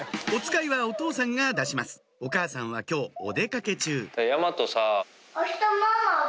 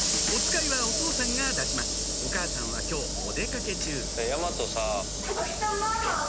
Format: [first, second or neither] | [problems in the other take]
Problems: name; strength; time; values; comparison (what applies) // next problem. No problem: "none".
first | background sound (Sliding door / Hiss); 3 dB above the speech